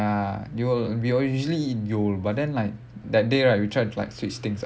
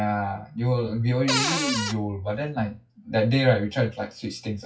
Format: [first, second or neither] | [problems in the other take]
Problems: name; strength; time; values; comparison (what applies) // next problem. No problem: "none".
first | noise reduction (classical method WPE with log-MMSE)